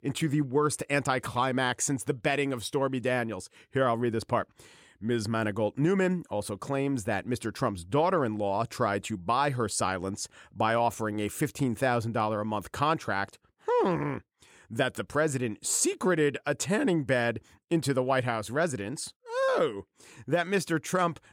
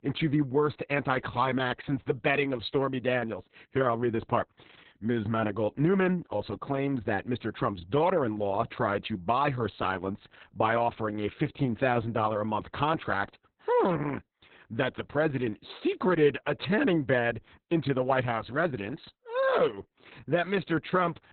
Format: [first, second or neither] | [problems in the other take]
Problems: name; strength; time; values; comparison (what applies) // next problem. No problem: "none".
first | garbled, watery; badly; nothing above 4 kHz